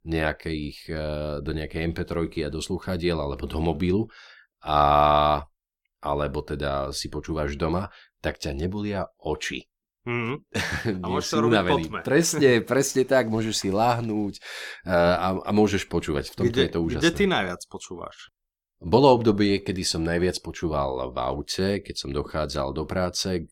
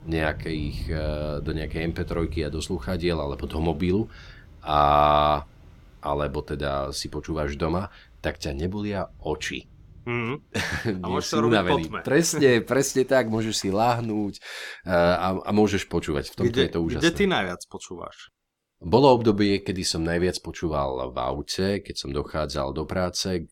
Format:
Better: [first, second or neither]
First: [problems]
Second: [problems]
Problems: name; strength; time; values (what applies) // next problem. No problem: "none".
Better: first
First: none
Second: rain or running water; noticeable; throughout; 15 dB below the speech